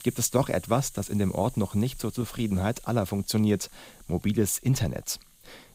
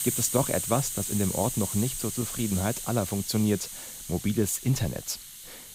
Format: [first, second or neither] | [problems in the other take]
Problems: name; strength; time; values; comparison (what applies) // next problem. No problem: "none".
first | hiss; loud; throughout; 4 dB below the speech; faint in the first